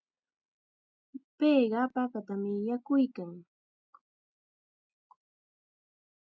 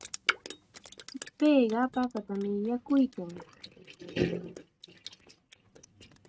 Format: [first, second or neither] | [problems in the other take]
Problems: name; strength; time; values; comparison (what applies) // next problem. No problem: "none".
first | noise reduction (neural mask model RNNoise)